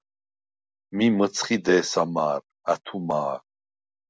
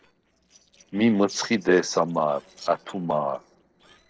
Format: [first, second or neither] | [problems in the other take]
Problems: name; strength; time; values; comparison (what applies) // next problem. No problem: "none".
first | noise reduction (neural separator model SepFormer DNS4)